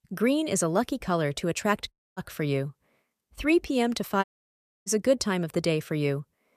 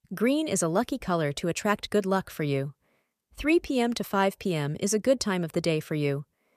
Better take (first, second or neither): second